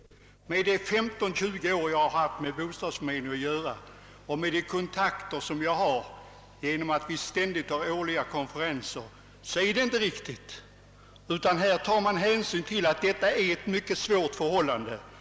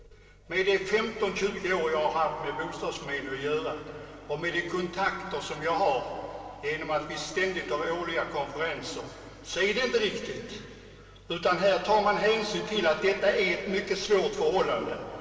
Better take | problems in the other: first | room echo; dies away in 2.7 s

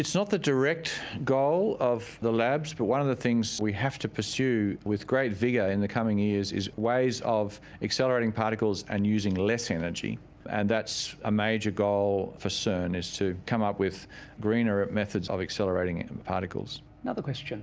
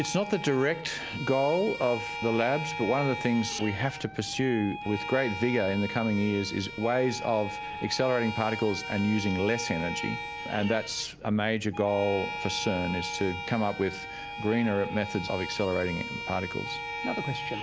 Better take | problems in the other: first | background sound (Wind instrument, woodwind instrument + Bowed string instrument); 8 dB below the speech

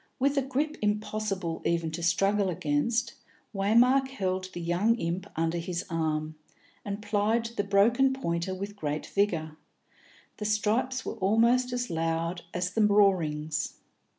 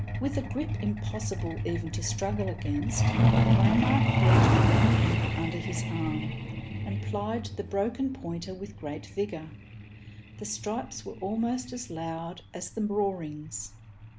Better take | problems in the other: first | background sound (Truck); 5 dB above the speech

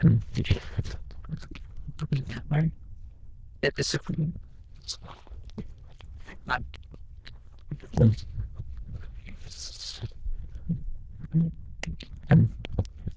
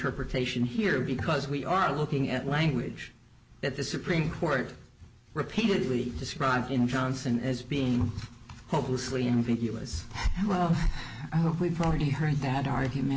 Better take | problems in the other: second | noise reduction (neural diffusion model UNIVERSE++)

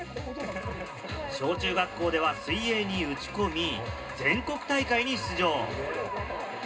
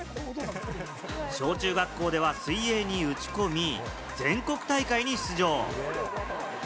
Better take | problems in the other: second | background sound (Wind instrument, woodwind instrument); 17 dB below the speech // room echo; dies away in 0.2 s

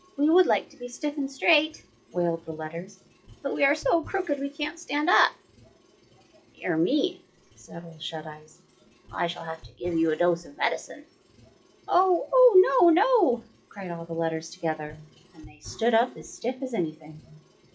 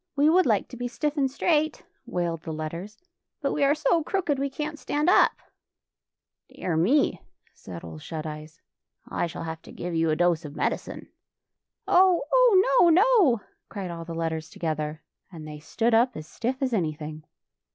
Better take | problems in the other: second | noise reduction (classical method WPE with log-MMSE)

